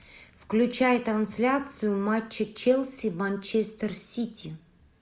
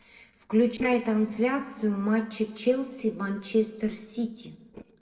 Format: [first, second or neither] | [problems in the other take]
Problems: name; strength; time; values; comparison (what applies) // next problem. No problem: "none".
first | noise reduction (neural separator model SepFormer DNS4)